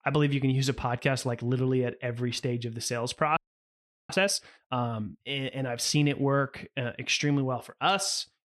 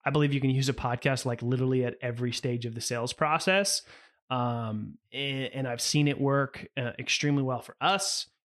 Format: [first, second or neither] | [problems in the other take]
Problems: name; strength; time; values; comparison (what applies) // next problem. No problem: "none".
second | audio freezing; at 3.5 s for 0.5 s